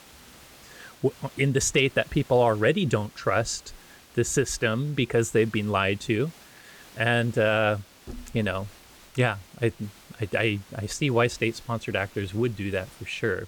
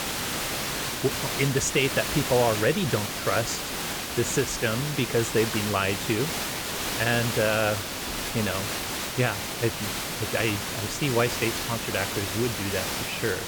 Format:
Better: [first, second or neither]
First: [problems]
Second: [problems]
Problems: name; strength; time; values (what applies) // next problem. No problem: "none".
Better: first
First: hiss; faint; throughout; 25 dB below the speech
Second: hiss; loud; throughout; 2 dB below the speech